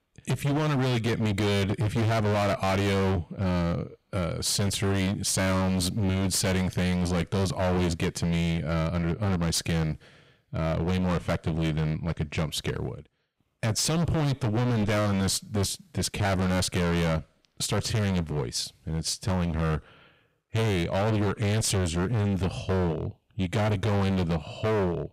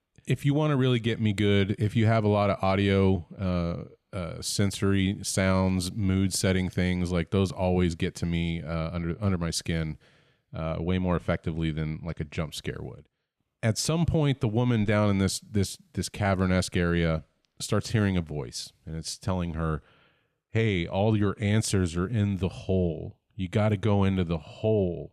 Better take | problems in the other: second | distortion; heavy; 28% of the sound clipped

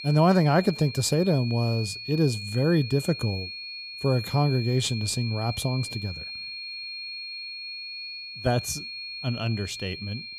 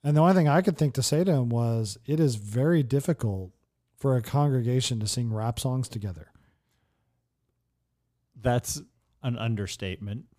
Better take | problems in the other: second | high-pitched whine; loud; throughout; 4.5 kHz, 9 dB below the speech

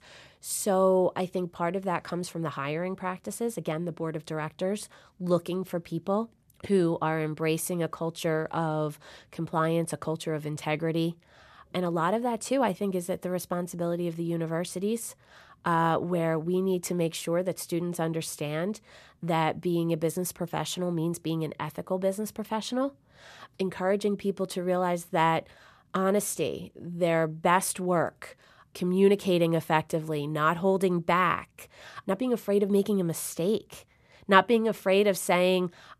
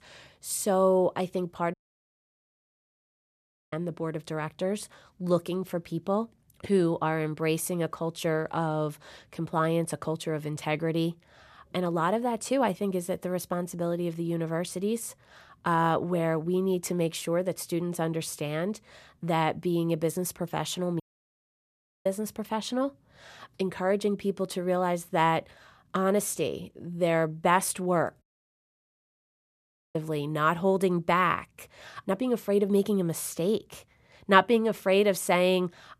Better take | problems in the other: first | audio cutting out; at 1.5 s for 2 s, at 21 s for 1 s and at 28 s for 1.5 s

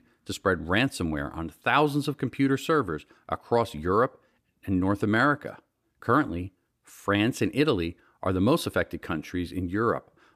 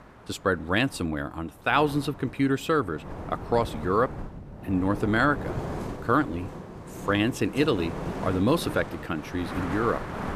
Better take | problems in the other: first | wind noise on the microphone; occasional gusts; 10 dB below the speech

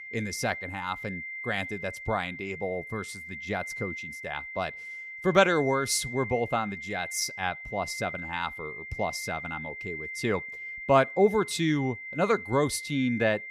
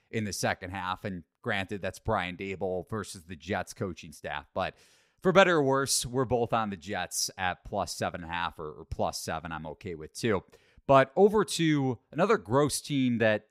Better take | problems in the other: second | high-pitched whine; loud; throughout; 2 kHz, 8 dB below the speech

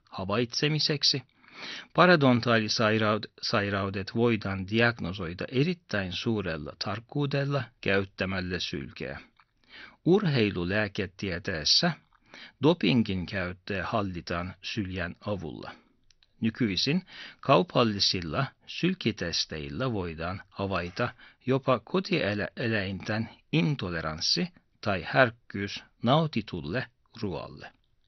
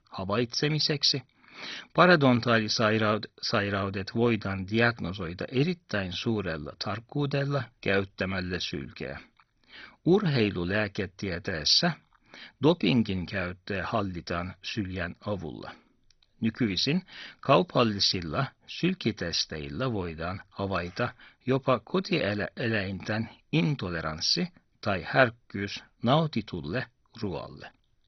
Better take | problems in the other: first | garbled, watery; badly; nothing above 5.5 kHz; slightly in the first

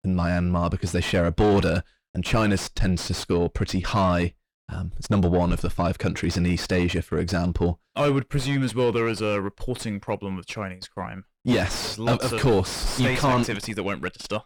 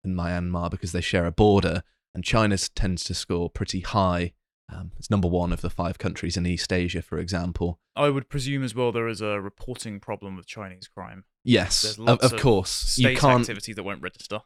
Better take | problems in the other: second | distortion; heavy; 6 dB below the speech

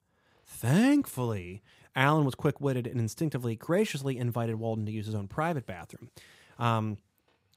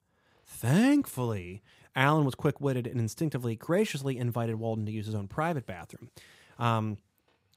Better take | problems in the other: neither | none

